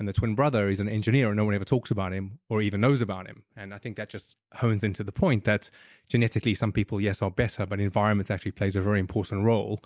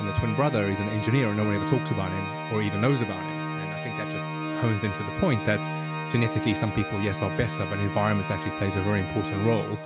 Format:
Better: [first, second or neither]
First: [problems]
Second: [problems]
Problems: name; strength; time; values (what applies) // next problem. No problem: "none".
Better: first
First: none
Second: background sound (Organ); 5 dB below the speech